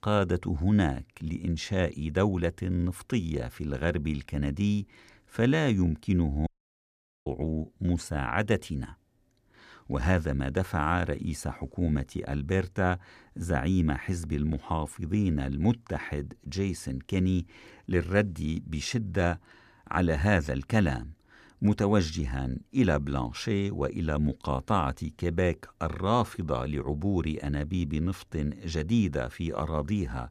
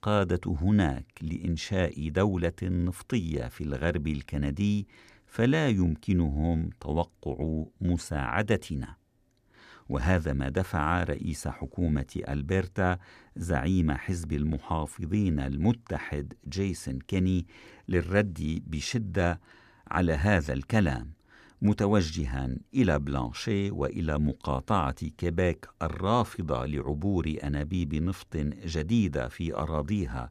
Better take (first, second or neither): second